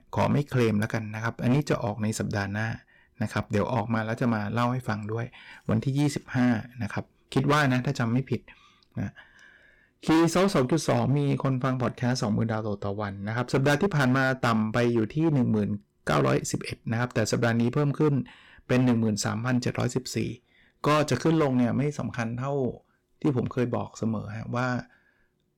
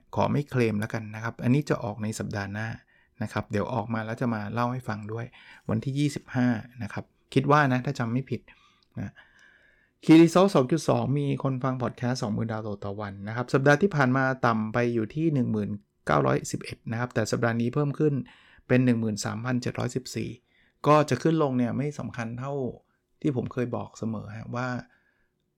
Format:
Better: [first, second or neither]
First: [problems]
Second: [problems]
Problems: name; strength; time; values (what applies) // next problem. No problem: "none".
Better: second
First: distortion; heavy; 7% of the sound clipped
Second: none